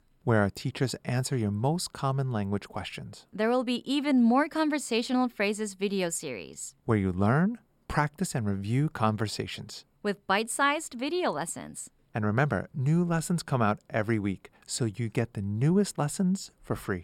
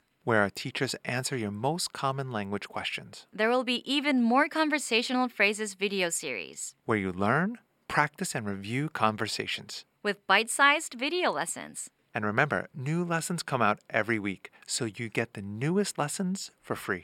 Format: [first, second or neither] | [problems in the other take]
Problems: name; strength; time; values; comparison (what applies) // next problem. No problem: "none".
first | thin; very slightly; fading below 650 Hz